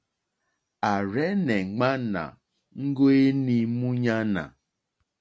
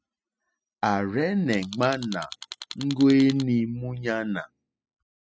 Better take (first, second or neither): first